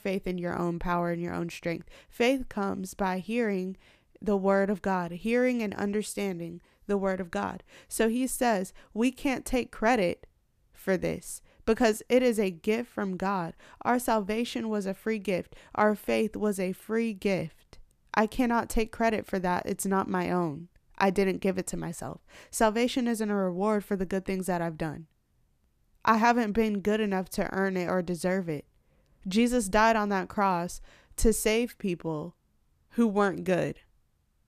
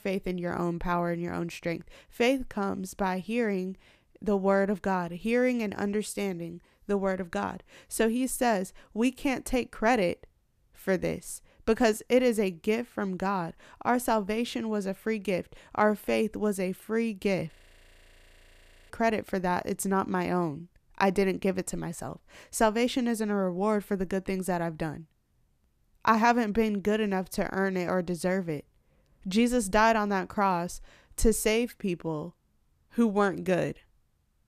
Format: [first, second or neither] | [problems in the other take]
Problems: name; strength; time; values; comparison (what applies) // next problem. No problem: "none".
first | audio freezing; at 18 s for 1.5 s